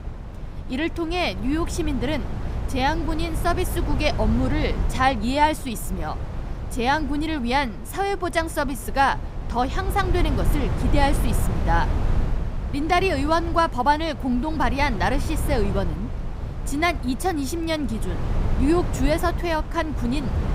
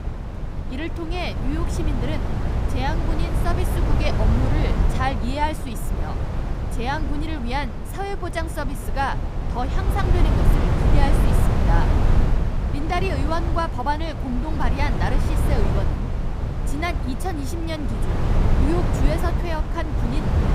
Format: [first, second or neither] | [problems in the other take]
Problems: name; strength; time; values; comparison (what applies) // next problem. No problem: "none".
first | wind noise on the microphone; heavy; 3 dB below the speech; occasional gusts in the first